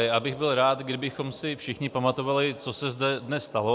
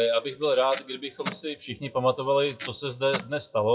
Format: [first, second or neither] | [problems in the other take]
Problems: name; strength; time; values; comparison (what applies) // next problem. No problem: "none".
first | noise reduction (classical method WPE with log-MMSE)